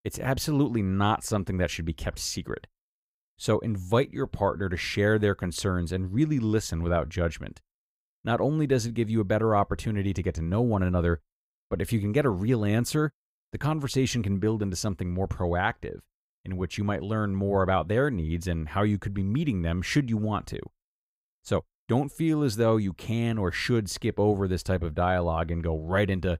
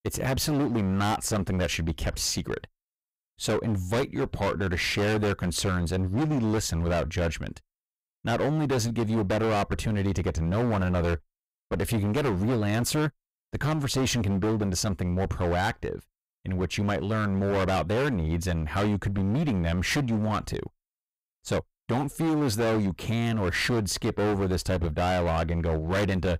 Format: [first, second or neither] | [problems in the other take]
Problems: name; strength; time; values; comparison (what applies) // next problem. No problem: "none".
first | distortion; heavy; 23% of the sound clipped